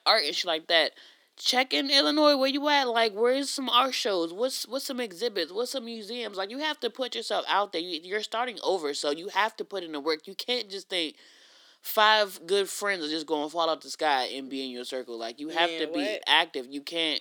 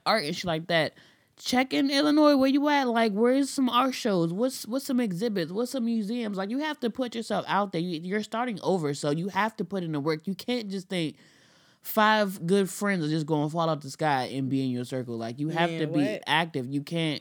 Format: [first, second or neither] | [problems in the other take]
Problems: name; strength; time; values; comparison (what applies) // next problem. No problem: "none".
second | thin; somewhat; fading below 350 Hz